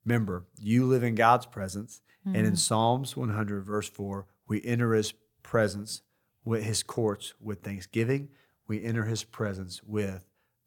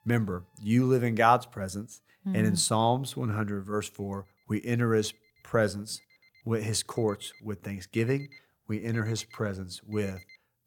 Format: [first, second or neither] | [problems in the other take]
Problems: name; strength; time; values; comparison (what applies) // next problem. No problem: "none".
first | alarms or sirens; faint; throughout; 25 dB below the speech